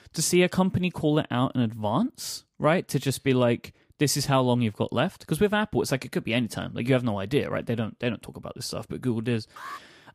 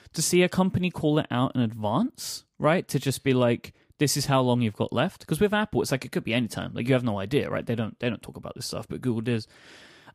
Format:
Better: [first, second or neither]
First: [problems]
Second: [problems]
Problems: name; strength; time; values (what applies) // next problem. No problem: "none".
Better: second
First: alarm; faint; at 9.5 s; peak 15 dB below the speech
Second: none